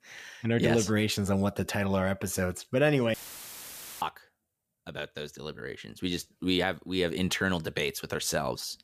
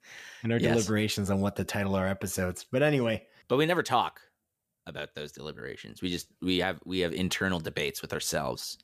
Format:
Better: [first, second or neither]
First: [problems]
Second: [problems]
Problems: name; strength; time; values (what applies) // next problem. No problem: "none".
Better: second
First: audio cutting out; filled with static; at 3 s for 1 s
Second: none